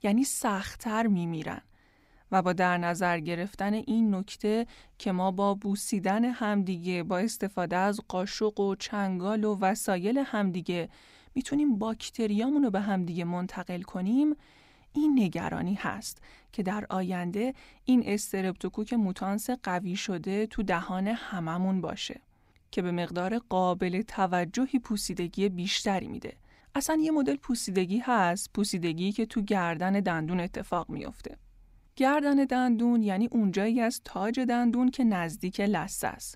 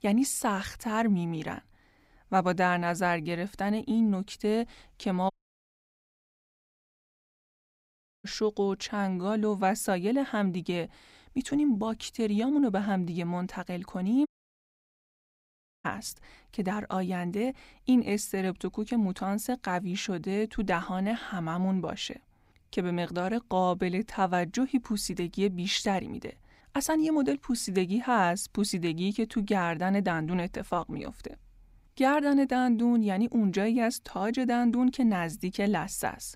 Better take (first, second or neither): first